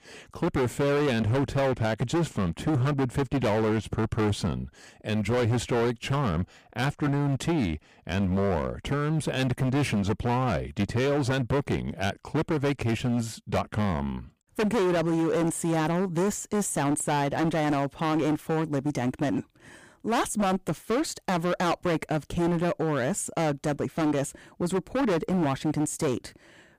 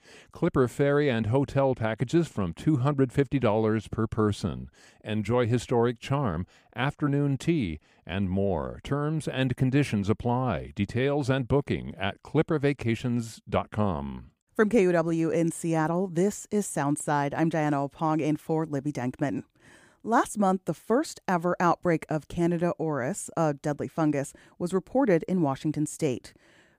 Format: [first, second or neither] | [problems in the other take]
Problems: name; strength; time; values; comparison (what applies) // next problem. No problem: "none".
second | distortion; heavy; 20% of the sound clipped